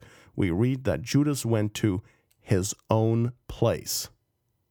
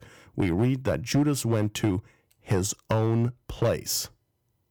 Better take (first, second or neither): first